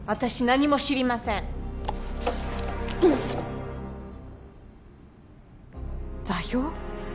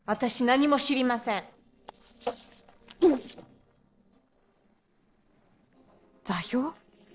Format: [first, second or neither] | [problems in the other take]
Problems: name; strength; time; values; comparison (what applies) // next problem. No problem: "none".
first | noise reduction (neural separator model SepFormer DNS4)